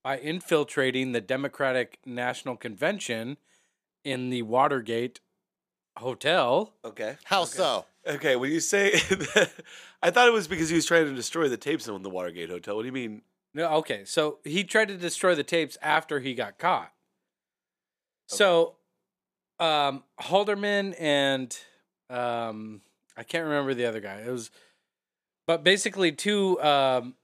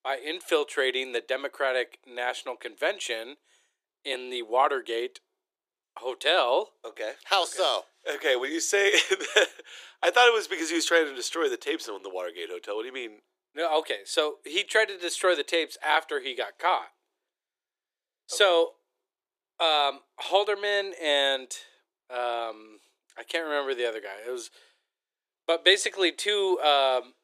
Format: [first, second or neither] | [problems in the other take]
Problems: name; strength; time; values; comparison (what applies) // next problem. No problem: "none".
first | thin; very; fading below 350 Hz